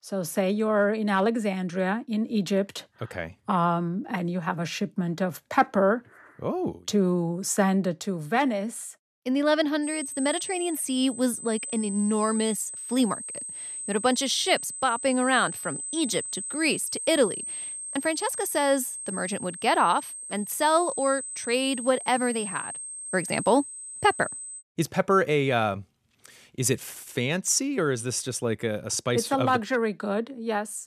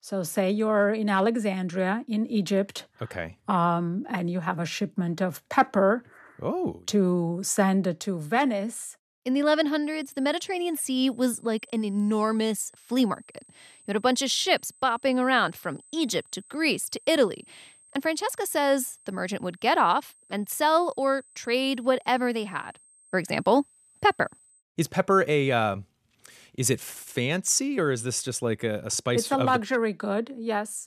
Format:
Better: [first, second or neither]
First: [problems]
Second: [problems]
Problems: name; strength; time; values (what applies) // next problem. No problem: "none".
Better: second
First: high-pitched whine; loud; from 10 to 25 s; 8 kHz, 7 dB below the speech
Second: high-pitched whine; faint; from 10 to 25 s; 8 kHz, 30 dB below the speech